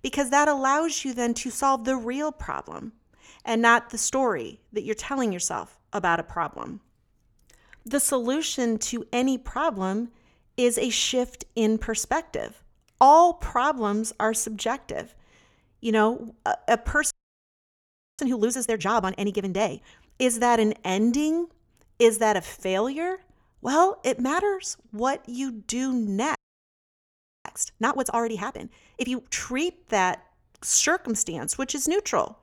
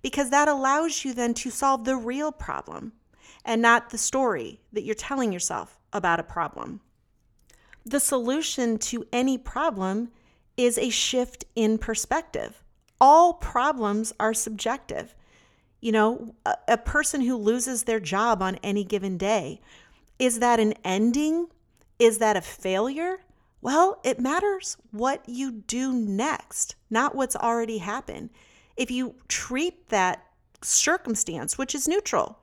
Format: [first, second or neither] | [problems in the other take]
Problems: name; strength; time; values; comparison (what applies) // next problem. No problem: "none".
second | audio freezing; at 17 s for 1 s and at 26 s for 1 s